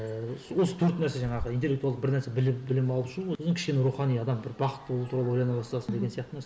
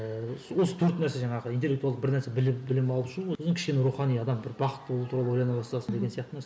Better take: second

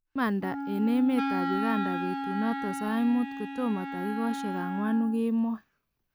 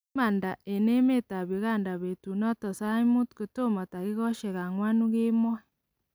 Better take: second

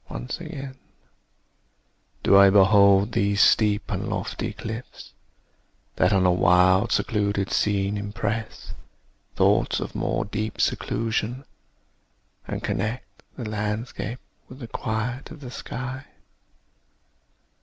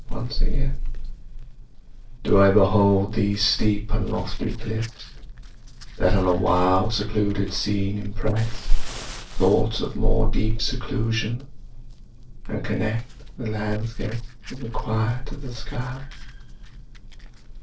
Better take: first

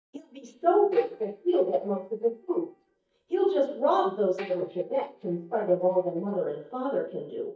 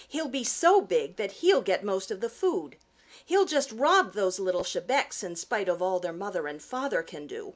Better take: second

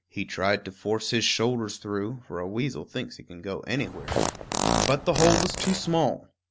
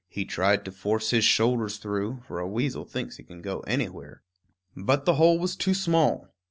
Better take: second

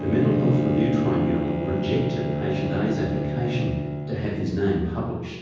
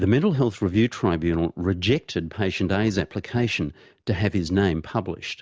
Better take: second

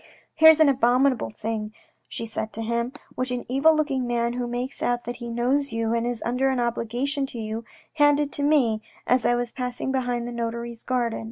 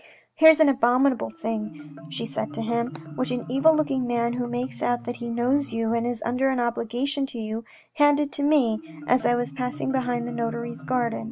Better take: first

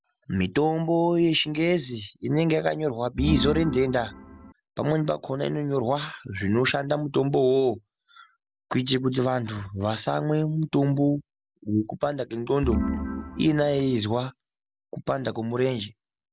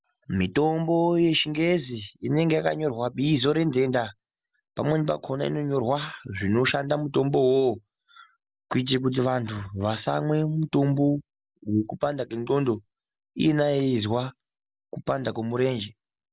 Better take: second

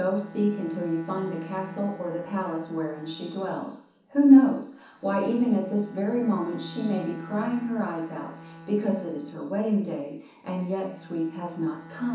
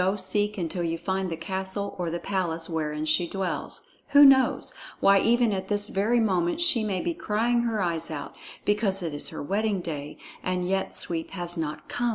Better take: second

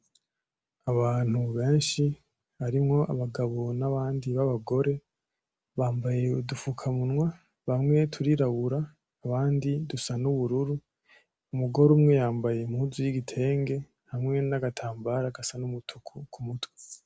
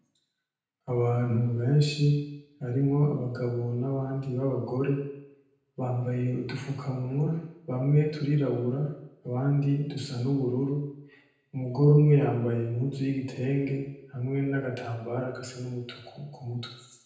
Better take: first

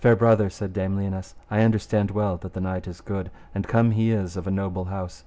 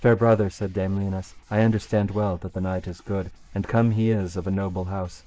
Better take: first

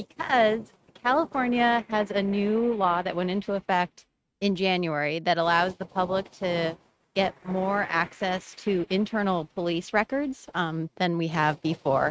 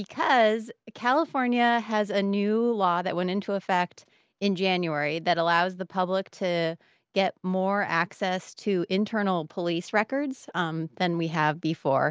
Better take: second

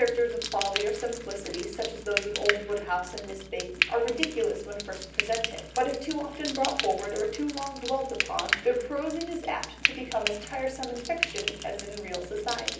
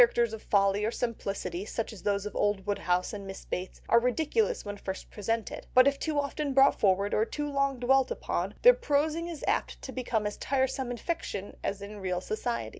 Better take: second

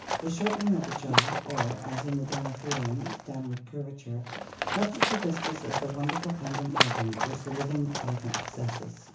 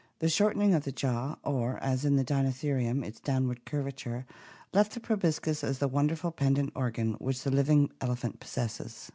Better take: second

